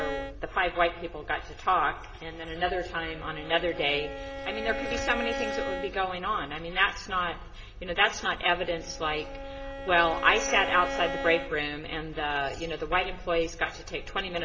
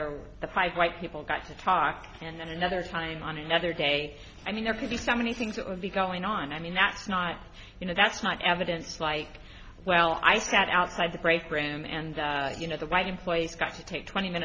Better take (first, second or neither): second